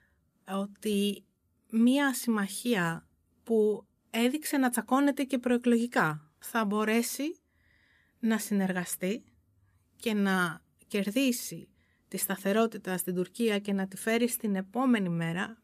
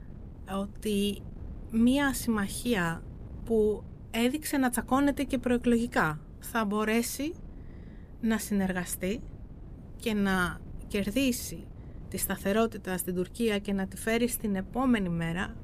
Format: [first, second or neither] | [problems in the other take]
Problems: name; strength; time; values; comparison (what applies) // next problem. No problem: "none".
first | wind noise on the microphone; occasional gusts; 25 dB below the speech